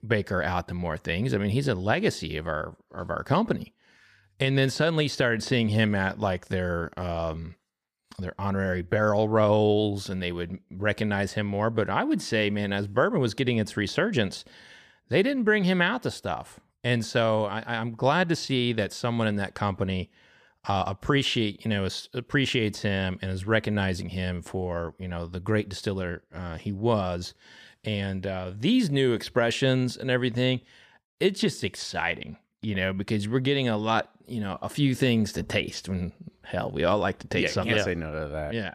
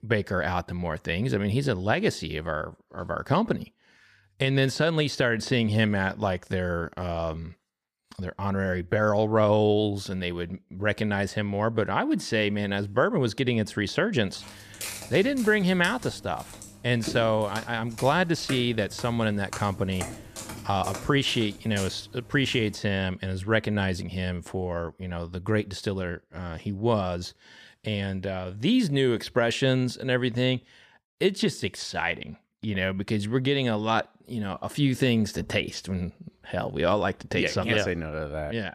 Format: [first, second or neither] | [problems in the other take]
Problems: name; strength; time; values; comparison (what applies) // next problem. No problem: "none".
first | footsteps; noticeable; from 14 to 23 s; peak 8 dB below the speech